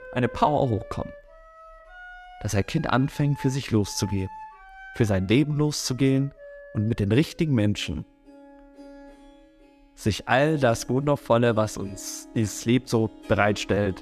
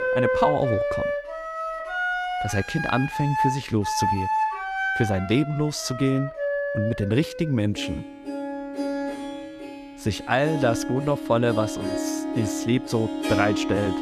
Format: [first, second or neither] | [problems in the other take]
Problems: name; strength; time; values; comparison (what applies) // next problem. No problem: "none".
first | background music; loud; throughout; 3 dB below the speech; faint in the first